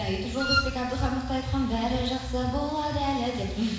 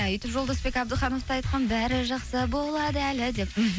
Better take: second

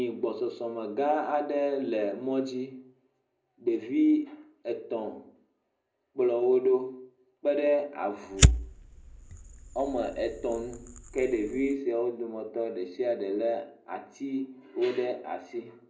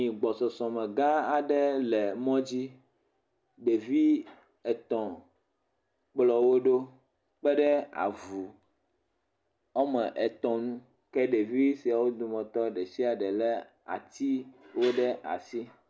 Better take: second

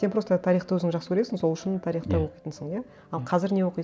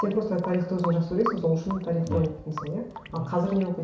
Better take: first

